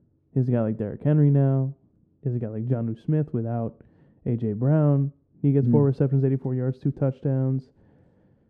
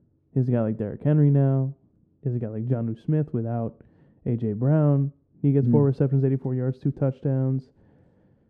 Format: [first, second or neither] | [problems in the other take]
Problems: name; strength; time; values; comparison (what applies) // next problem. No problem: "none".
neither | muffled; very; fading above 1 kHz; the same in both